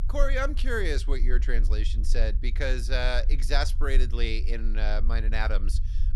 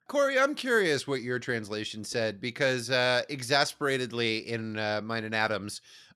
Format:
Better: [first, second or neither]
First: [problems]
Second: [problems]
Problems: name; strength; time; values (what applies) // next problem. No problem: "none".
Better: second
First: low rumble; noticeable; throughout; 20 dB below the speech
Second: none